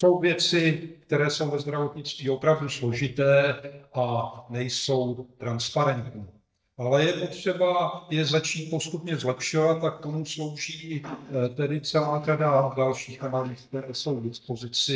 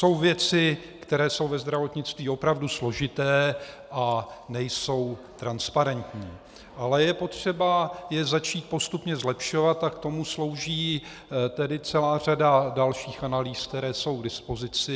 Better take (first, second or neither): second